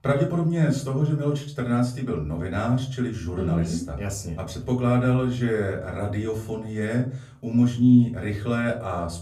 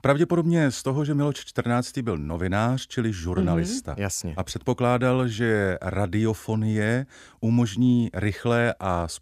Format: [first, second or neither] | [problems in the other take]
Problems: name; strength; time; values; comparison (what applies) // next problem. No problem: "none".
second | off-mic speech; far // room echo; very slight; dies away in 0.4 s